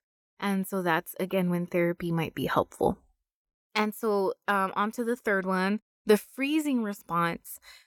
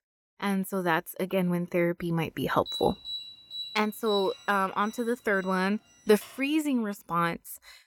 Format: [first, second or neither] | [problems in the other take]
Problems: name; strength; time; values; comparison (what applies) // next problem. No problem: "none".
first | alarm; noticeable; from 2.5 to 6.5 s; peak 7 dB below the speech